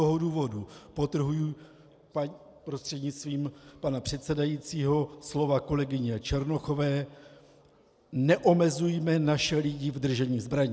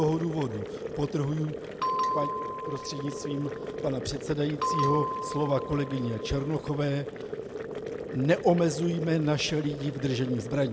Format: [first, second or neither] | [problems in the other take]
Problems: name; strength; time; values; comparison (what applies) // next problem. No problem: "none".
first | background sound (Boiling + Bell); 5 dB below the speech